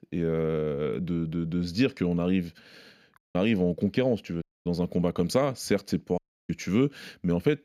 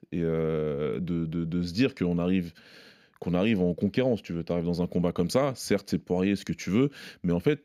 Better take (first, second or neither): second